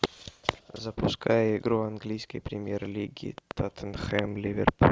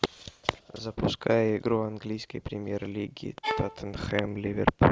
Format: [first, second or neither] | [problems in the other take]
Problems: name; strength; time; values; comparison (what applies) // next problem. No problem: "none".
first | background sound (Bowed string instrument); 8 dB below the speech